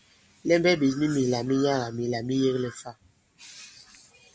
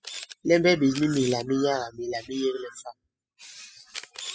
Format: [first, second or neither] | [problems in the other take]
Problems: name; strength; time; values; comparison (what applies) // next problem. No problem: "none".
first | noise reduction (classical method spectral subtraction)